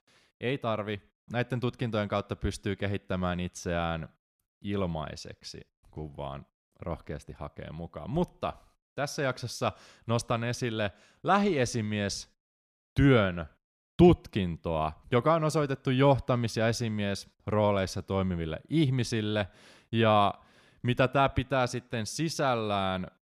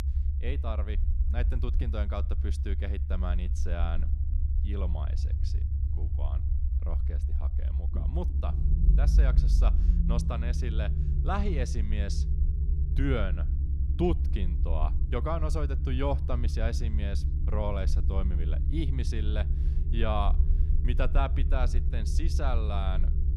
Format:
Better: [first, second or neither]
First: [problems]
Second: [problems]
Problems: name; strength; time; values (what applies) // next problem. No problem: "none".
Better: first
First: none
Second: low rumble; loud; throughout; 9 dB below the speech